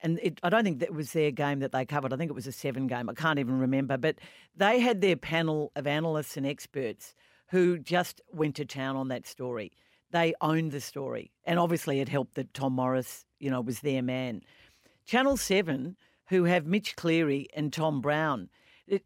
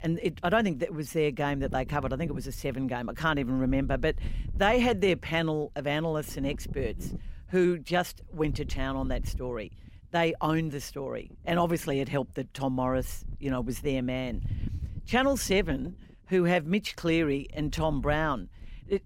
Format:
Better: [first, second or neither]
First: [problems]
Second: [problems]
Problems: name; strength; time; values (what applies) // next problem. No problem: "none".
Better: first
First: none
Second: wind noise on the microphone; occasional gusts; 25 dB below the speech